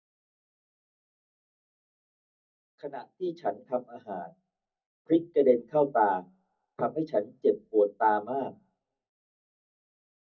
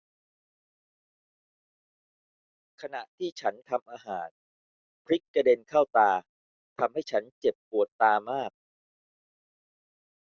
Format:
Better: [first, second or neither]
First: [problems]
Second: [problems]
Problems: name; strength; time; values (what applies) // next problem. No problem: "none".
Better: second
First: room echo; dies away in 0.4 s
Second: none